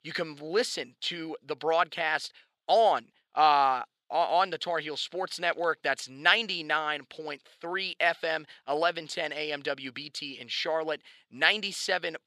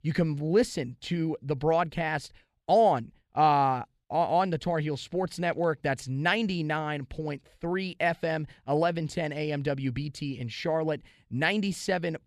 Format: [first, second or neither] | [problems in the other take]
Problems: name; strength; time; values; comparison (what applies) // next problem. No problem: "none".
second | thin; very; fading below 450 Hz